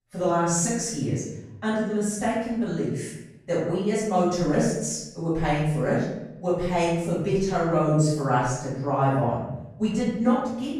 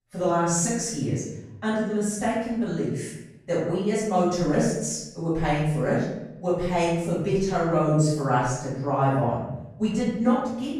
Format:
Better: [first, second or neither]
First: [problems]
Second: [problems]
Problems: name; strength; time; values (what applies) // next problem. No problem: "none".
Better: neither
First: room echo; strong; dies away in 1 s // off-mic speech; far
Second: room echo; strong; dies away in 1 s // off-mic speech; far